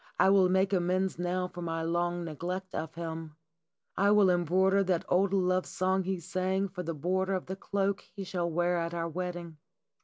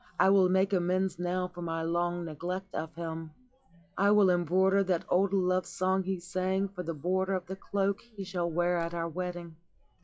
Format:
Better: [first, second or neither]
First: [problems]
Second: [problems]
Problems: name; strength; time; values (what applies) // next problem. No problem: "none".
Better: first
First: none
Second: noise reduction (classical method log-MMSE)